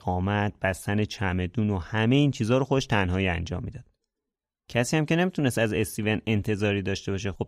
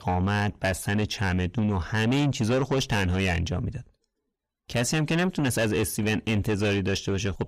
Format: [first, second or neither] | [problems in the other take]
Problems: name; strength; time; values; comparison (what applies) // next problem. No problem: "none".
first | distortion; heavy; 7 dB below the speech